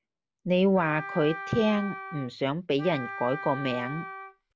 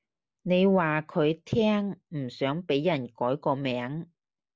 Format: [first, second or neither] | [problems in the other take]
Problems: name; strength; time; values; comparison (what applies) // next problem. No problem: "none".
second | background sound (Wind instrument, woodwind instrument); 11 dB below the speech